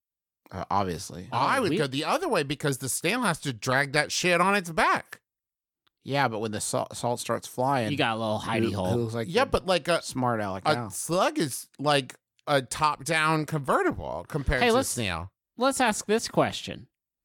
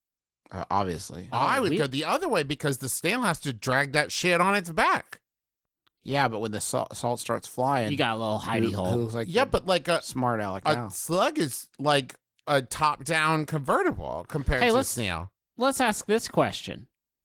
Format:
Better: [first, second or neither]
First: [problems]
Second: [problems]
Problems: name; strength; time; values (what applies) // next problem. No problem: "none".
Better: first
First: none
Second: garbled, watery; slightly; nothing above 17.5 kHz